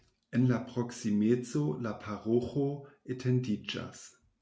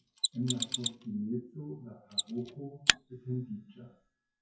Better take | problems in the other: first | noise reduction (classical method WPE with log-MMSE)

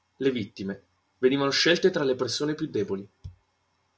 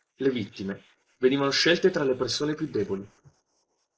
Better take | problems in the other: first | noise reduction (neural mask model Resemble Enhance denoiser)

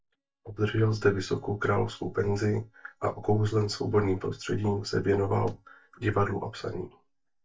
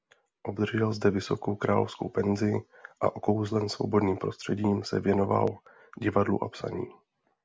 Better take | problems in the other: second | noise reduction (neural mask model DeepFilterNet 3)

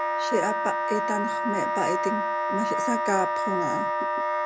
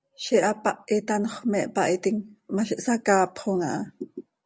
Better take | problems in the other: second | background sound (Wind instrument, woodwind instrument); 4 dB above the speech

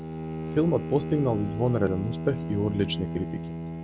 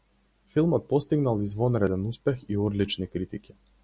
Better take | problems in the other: second | background sound (Bowed string instrument); 6 dB below the speech

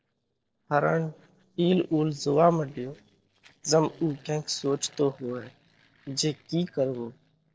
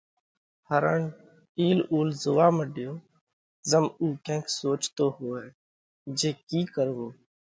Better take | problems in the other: second | noise reduction (neural separator model SepFormer DNS4)

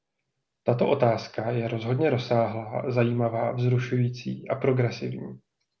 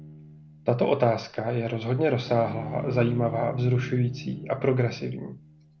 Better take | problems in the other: first | background sound (Bowed string instrument); 13 dB below the speech

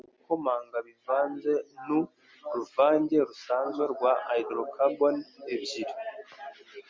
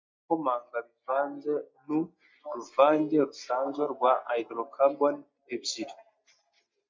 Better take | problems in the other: first | noise reduction (neural mask model DeepFilterNet 3)

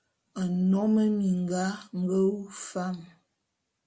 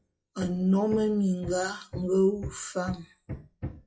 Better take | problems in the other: first | noise reduction (classical method WPE with log-MMSE)

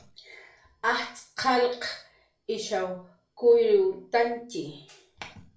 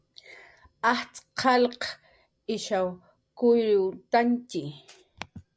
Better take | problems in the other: second | room echo; dies away in 0.4 s

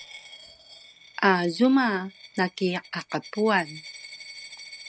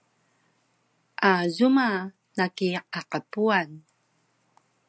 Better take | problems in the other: second | background sound (Coin (dropping)); 19 dB below the speech

